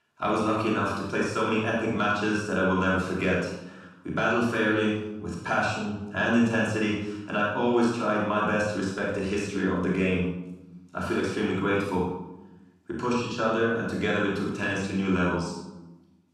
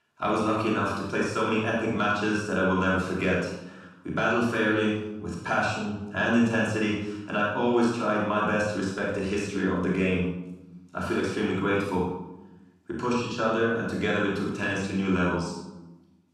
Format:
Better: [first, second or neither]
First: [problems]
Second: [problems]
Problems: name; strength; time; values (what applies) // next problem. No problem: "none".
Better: neither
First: room echo; strong; dies away in 0.7 s // off-mic speech; far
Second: room echo; strong; dies away in 0.7 s // off-mic speech; far